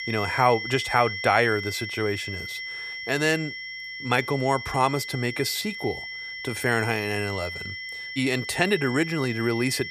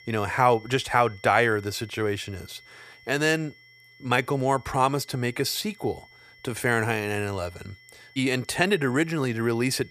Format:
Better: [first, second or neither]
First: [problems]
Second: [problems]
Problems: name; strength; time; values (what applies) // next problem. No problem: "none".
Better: second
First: high-pitched whine; loud; throughout; 2 kHz, 7 dB below the speech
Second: high-pitched whine; faint; throughout; 2 kHz, 25 dB below the speech